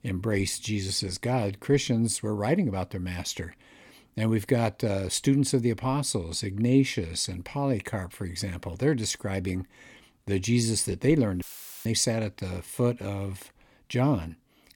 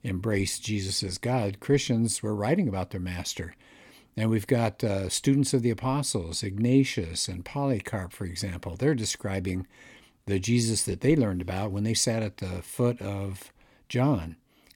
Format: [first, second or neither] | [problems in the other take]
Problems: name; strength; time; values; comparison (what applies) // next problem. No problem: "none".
second | audio cutting out; filled with static; at 11 s